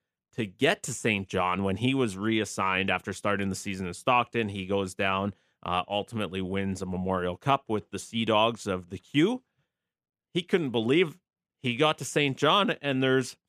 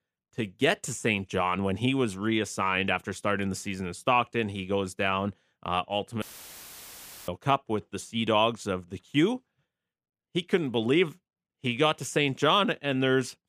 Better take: first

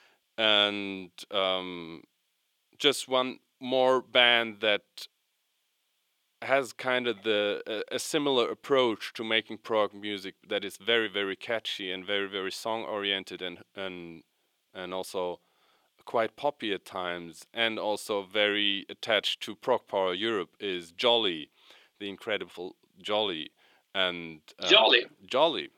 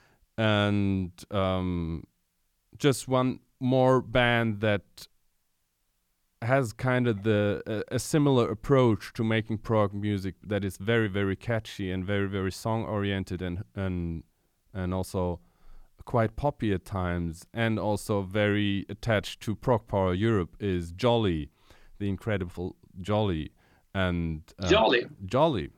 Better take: second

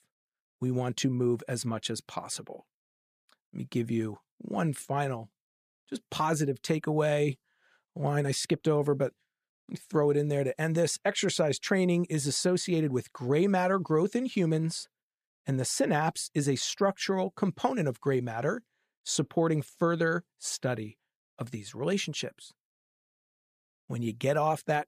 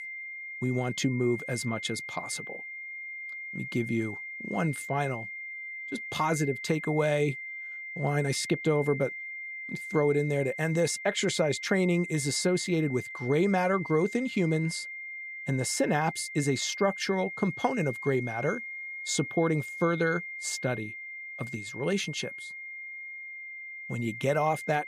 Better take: first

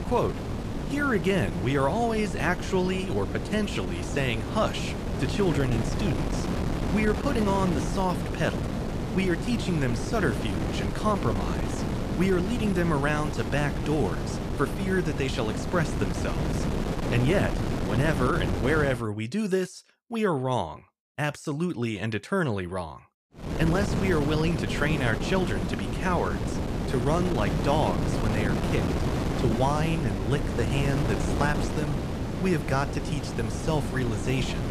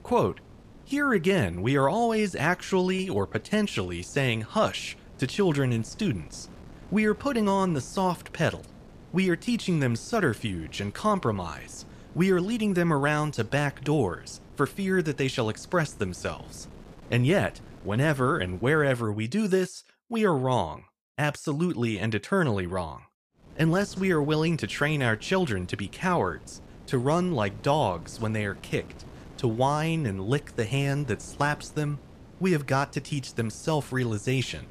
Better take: second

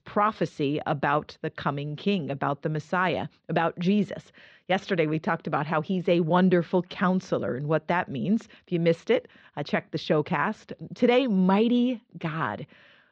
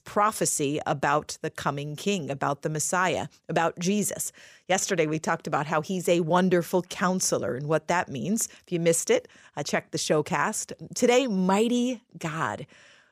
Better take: second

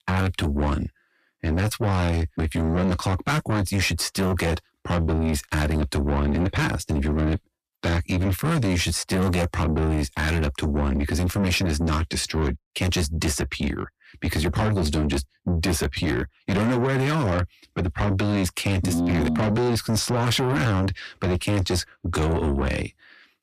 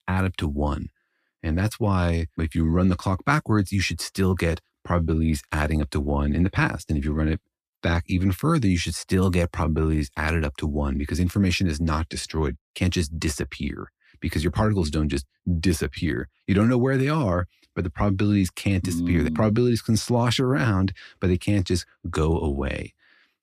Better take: second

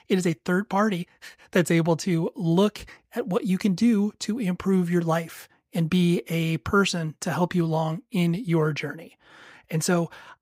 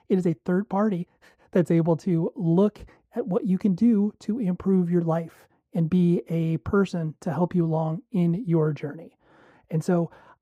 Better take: first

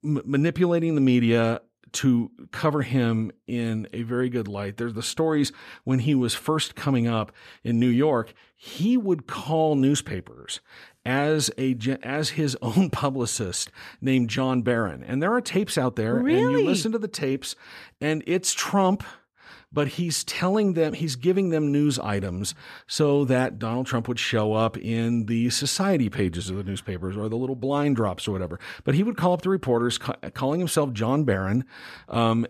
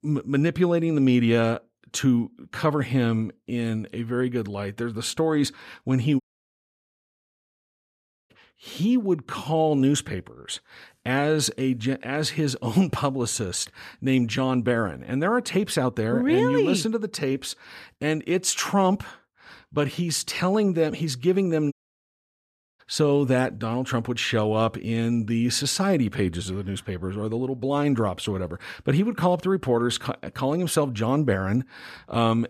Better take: first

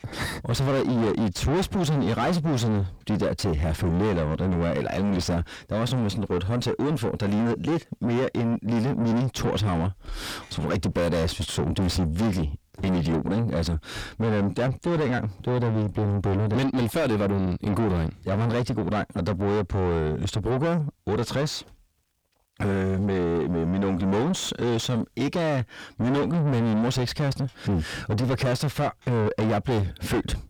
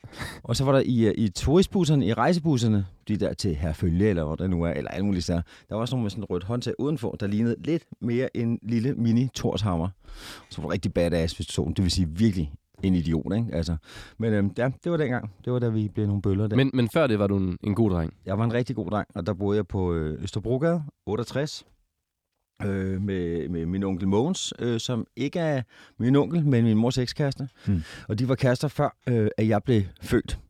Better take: second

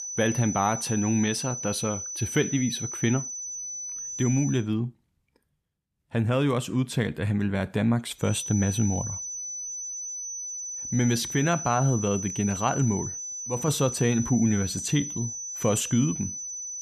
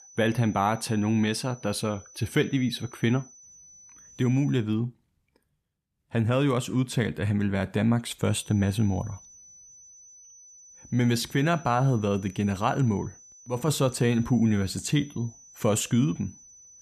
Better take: second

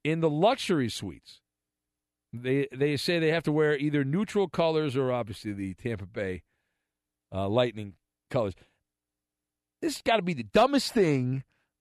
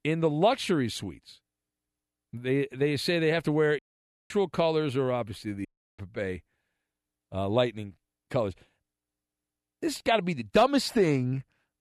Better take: first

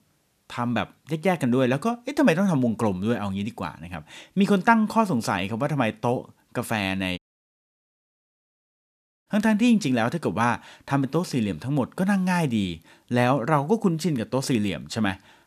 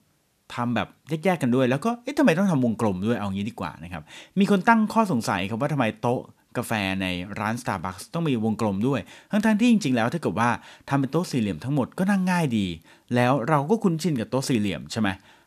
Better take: second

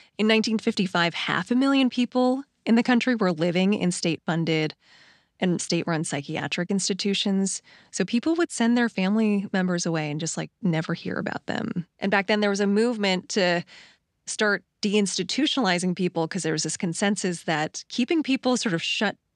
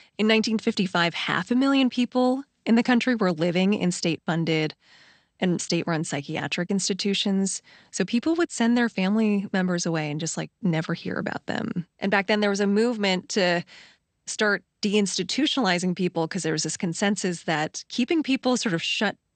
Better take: first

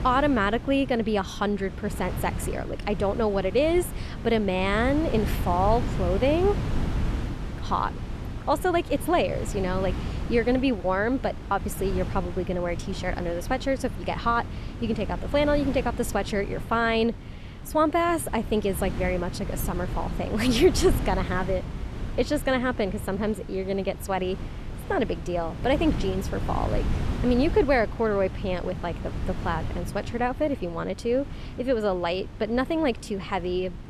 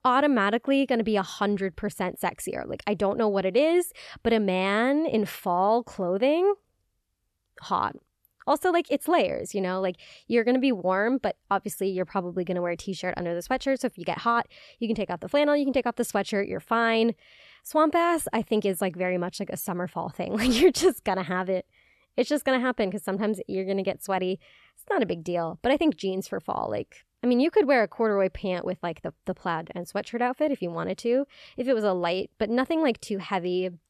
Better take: second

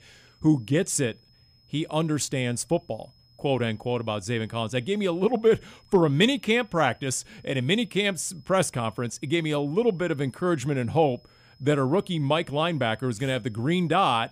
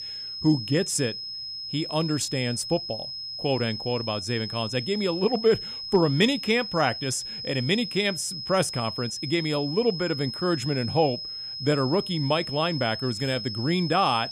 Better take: first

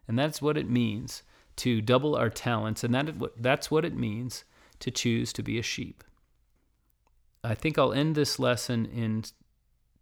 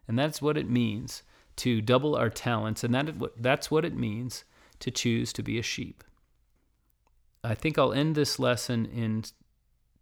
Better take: neither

